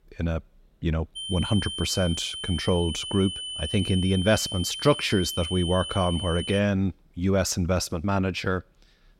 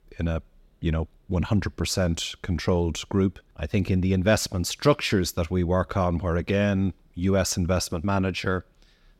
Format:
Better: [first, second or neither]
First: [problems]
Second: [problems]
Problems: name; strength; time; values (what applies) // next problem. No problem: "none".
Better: second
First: high-pitched whine; loud; from 1 to 6.5 s; 3 kHz, 6 dB below the speech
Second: none